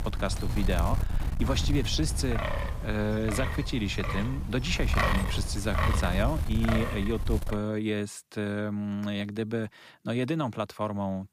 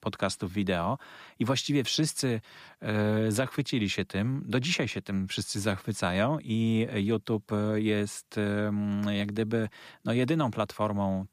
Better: second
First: wind noise on the microphone; heavy; until 7.5 s; 2 dB below the speech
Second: none

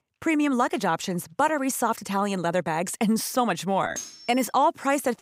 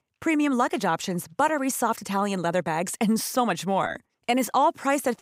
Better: second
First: clattering dishes; faint; at 4 s; peak 10 dB below the speech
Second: none

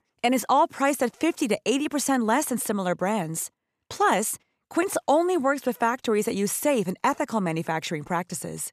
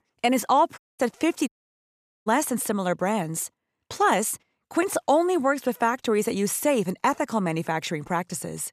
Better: first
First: none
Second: audio cutting out; at 1 s and at 1.5 s for 1 s

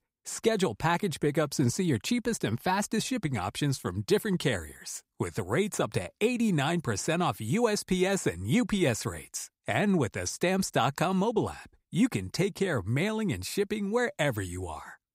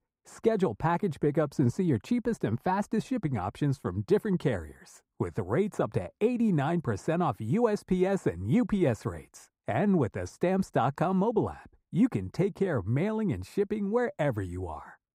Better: first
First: none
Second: muffled; slightly; fading above 2 kHz

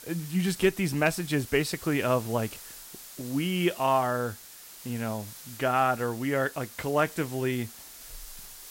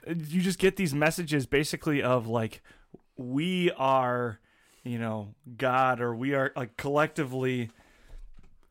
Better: second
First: hiss; noticeable; throughout; 15 dB below the speech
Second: none

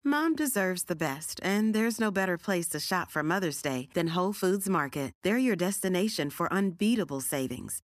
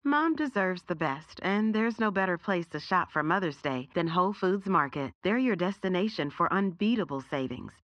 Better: first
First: none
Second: muffled; slightly; fading above 4 kHz

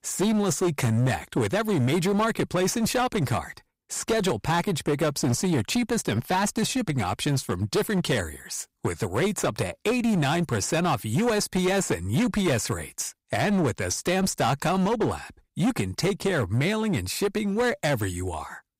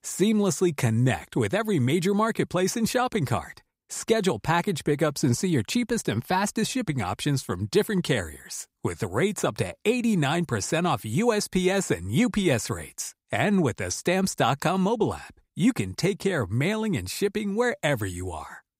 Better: second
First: distortion; slight; 16% of the sound clipped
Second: none

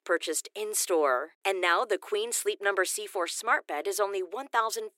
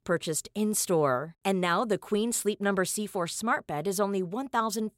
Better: second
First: thin; very; fading below 300 Hz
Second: none

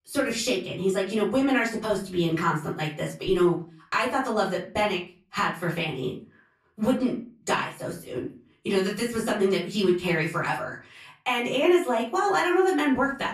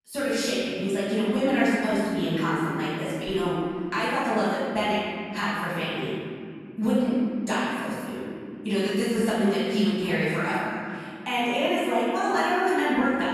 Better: first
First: room echo; slight; dies away in 0.3 s // off-mic speech; far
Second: room echo; strong; dies away in 2.4 s // off-mic speech; far

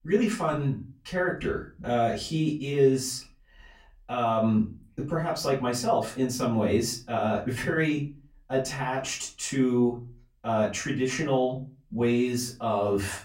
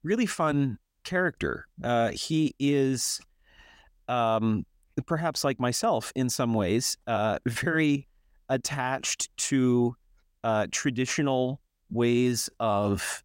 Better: second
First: off-mic speech; far // room echo; slight; dies away in 0.3 s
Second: none

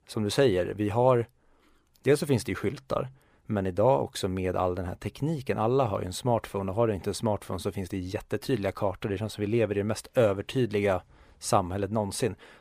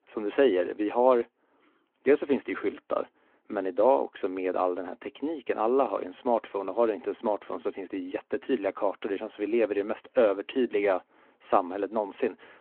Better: first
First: none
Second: phone-call audio

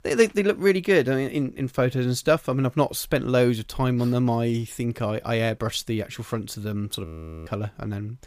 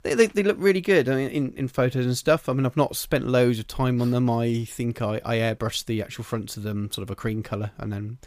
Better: second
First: audio freezing; at 7 s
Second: none

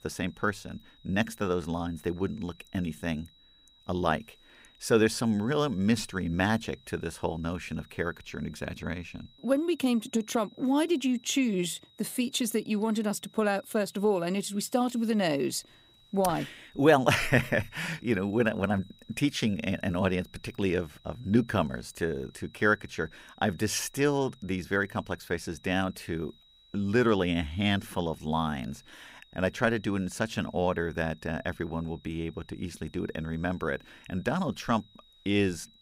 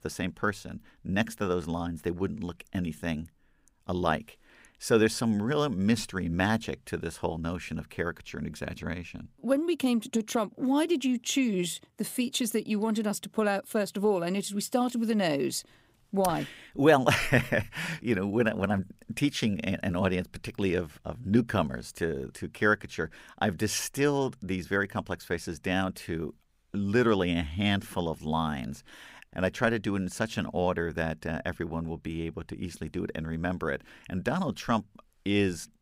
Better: second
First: high-pitched whine; faint; throughout; 4 kHz, 30 dB below the speech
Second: none

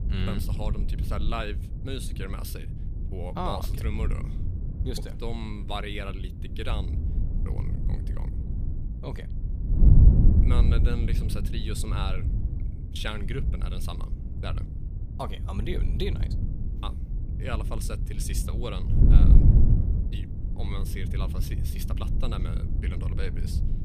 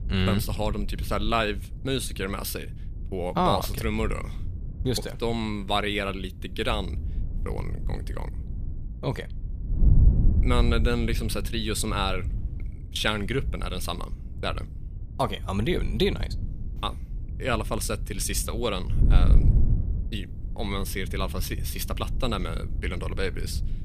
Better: second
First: wind noise on the microphone; heavy; 4 dB below the speech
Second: wind noise on the microphone; occasional gusts; 15 dB below the speech

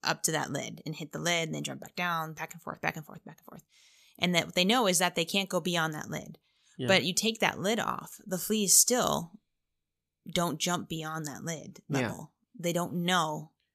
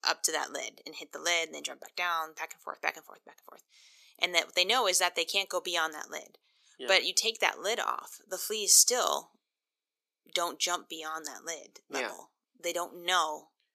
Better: first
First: none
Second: thin; very; fading below 350 Hz

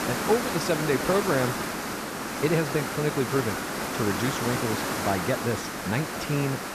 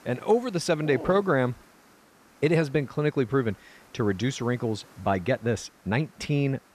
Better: second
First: hiss; loud; throughout; 2 dB below the speech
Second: hiss; faint; throughout; 30 dB below the speech

